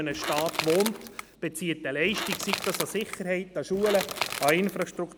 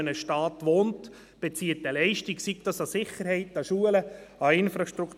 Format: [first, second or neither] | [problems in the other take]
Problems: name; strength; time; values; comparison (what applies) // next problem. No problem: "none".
second | background sound (Crushing / Wood); 6 dB below the speech